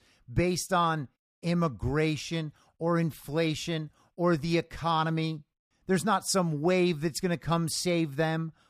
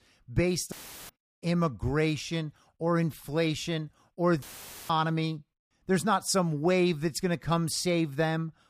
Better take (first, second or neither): first